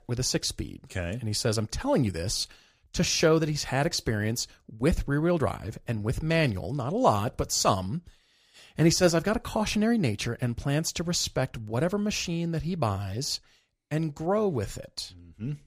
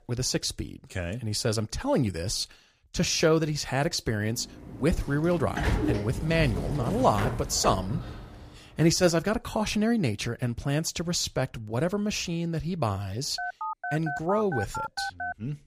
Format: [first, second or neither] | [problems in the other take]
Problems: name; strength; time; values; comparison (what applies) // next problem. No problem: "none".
first | door banging; loud; from 4.5 to 8.5 s; peak 1 dB above the speech // phone ringing; noticeable; from 13 s on; peak 5 dB below the speech